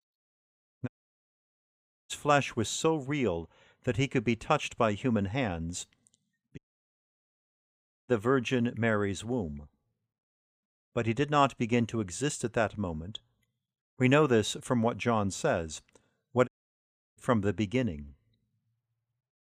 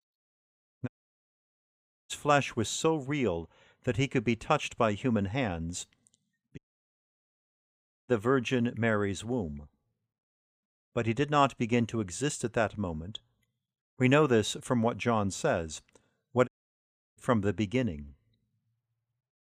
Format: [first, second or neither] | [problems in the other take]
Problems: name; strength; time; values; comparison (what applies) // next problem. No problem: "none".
neither | audio cutting out; at 1 s for 1 s, at 6.5 s for 1.5 s and at 16 s for 0.5 s; the same in both